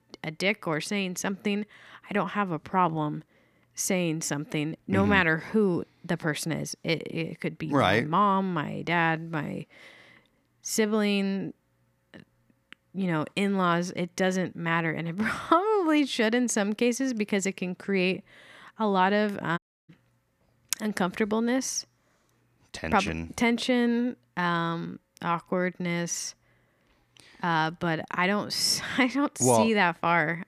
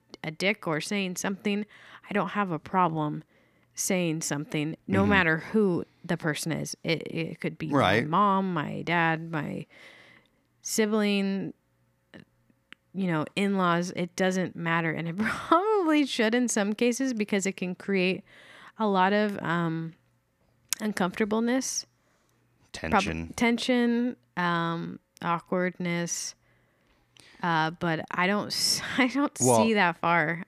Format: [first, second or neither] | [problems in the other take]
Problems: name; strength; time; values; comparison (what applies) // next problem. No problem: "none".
second | audio cutting out; at 20 s